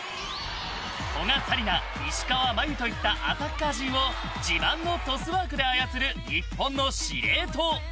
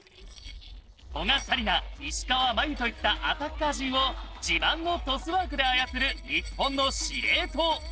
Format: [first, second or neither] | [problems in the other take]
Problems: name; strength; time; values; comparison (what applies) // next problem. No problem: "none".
first | noise reduction (neural separator model SepFormer DNS4)